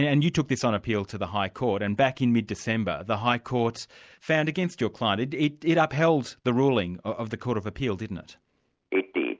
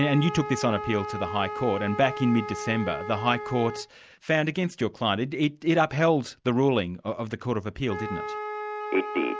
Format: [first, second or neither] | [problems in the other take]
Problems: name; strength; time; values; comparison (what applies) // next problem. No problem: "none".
first | background sound (Wind instrument, woodwind instrument); 10 dB below the speech